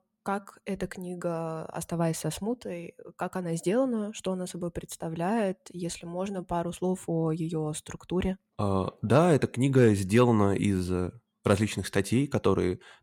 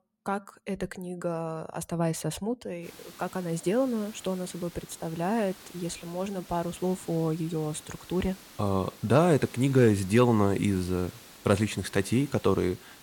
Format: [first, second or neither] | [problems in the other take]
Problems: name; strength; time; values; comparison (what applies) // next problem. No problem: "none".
first | hiss; noticeable; from 3 s on; 20 dB below the speech